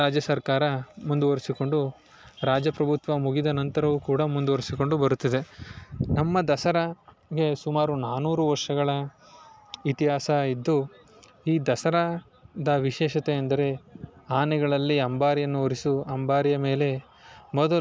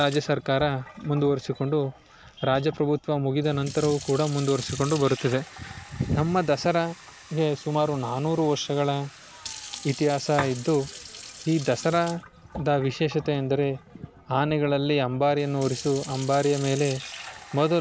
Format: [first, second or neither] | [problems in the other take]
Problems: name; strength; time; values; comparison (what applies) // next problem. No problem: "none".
first | background sound (Fill (with liquid) / Sink (filling or washing)); 16 dB below the speech